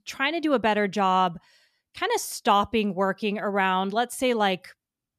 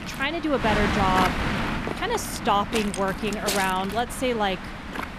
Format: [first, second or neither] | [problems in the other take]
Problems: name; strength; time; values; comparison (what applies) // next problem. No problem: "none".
first | wind noise on the microphone; heavy; 4 dB below the speech